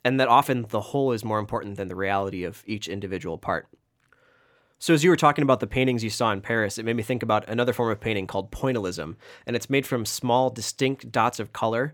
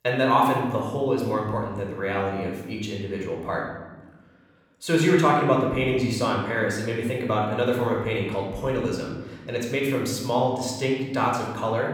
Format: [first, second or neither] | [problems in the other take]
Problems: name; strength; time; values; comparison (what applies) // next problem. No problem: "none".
first | off-mic speech; somewhat distant // room echo; noticeable; dies away in 1.1 s